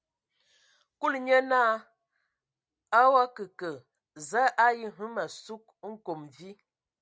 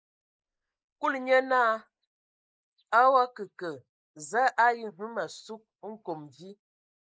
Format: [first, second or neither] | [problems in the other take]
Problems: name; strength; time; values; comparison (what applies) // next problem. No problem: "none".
first | noise reduction (neural mask model Resemble Enhance denoiser)